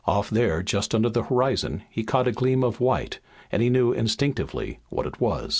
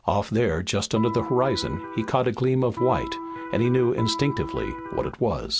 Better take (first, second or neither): first